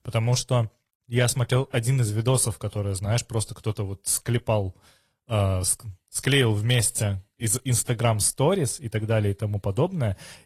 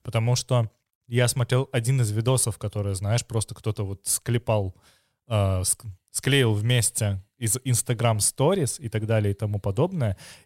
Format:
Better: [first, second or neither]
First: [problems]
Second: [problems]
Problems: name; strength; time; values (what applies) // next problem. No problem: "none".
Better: second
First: garbled, watery; slightly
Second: none